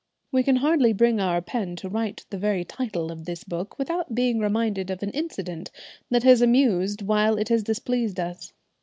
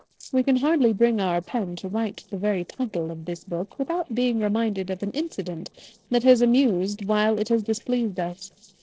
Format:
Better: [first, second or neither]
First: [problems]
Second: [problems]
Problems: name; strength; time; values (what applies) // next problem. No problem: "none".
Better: first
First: none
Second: noise reduction (neural separator model SepFormer DNS4)